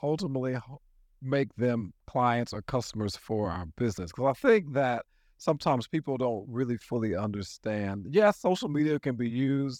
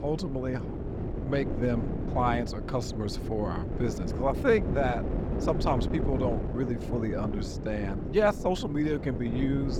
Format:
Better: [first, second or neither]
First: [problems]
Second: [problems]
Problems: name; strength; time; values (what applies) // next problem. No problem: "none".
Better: first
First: none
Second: wind noise on the microphone; heavy; 8 dB below the speech